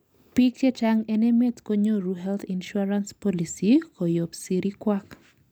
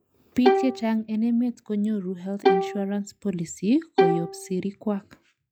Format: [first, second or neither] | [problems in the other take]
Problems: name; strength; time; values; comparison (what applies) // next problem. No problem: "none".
first | noise reduction (classical method log-MMSE)